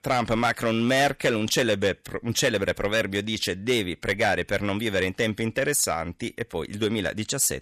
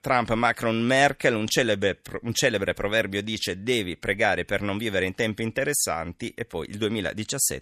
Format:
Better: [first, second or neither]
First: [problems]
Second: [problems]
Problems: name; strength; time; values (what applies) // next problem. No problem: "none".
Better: second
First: distortion; slight; 4% of the sound clipped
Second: none